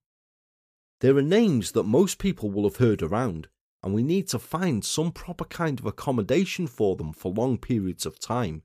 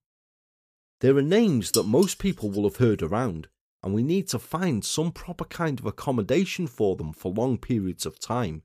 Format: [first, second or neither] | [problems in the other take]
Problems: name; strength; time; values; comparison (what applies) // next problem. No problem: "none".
first | clattering dishes; noticeable; at 1.5 s; peak 2 dB below the speech